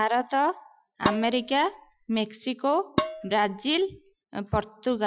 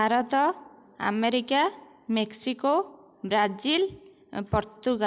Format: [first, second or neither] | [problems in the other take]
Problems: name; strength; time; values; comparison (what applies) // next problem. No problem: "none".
second | noise reduction (classical method Wiener filter)